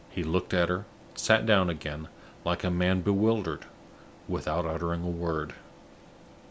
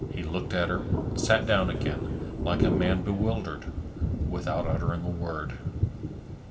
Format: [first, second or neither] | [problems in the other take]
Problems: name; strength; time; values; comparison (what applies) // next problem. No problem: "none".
first | background sound (Thunder); as loud as the speech // room echo; dies away in 2 s